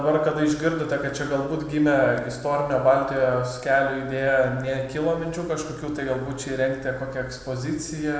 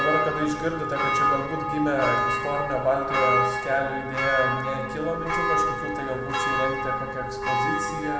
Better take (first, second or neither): first